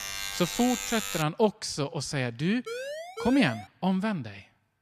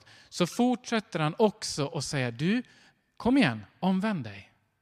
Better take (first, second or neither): second